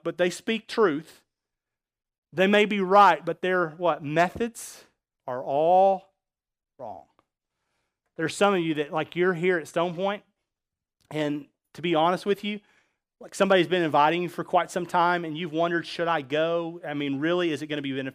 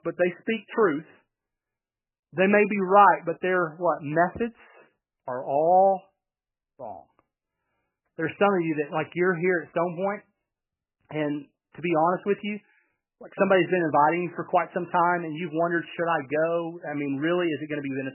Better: first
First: none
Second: garbled, watery; badly; nothing above 3 kHz

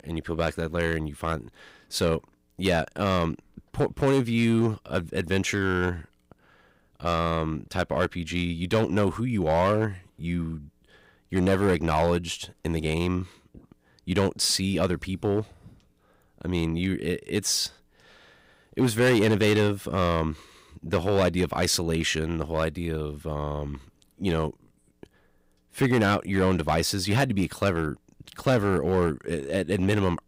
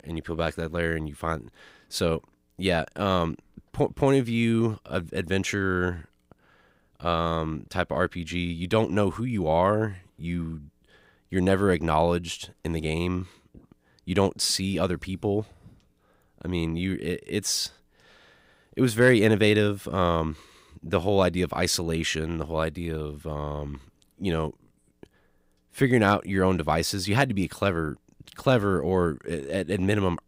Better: second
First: distortion; slight; 3% of the sound clipped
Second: none

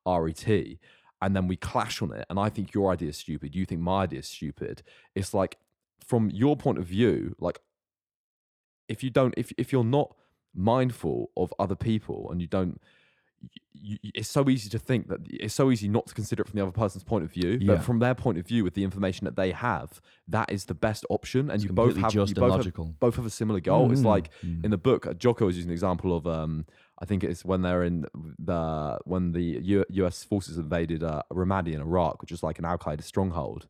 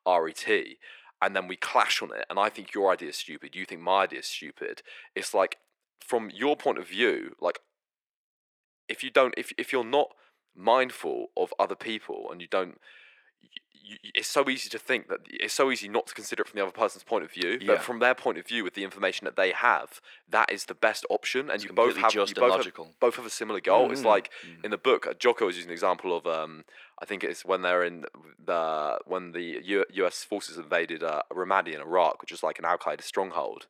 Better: first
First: none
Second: thin; very; fading below 400 Hz

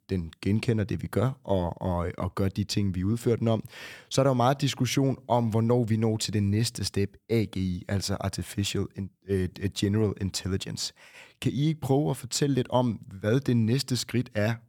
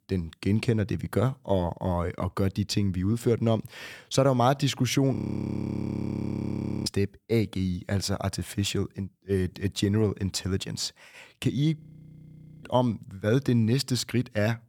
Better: first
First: none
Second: audio freezing; at 5 s for 1.5 s and at 12 s for 1 s

